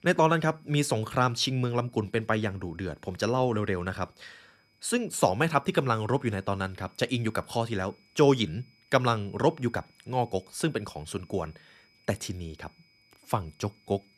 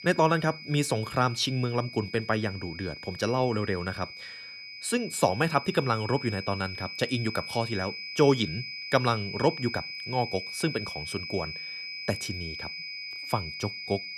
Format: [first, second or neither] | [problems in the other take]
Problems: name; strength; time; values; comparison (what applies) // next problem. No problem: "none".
first | high-pitched whine; loud; throughout; 2.5 kHz, 8 dB below the speech; faint in the first